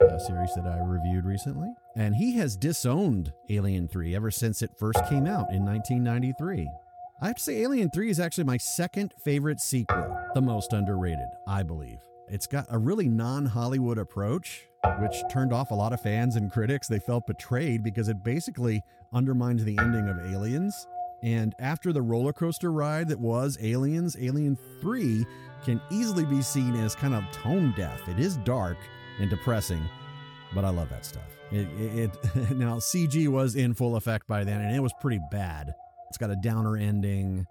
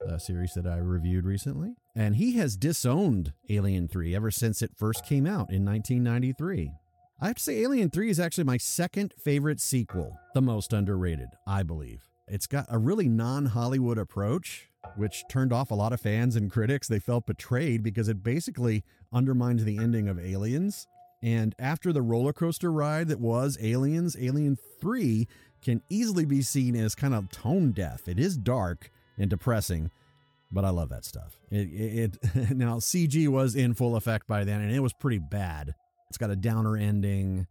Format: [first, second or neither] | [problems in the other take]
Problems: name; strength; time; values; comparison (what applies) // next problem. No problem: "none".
second | background music; loud; throughout; 8 dB below the speech; faint in the second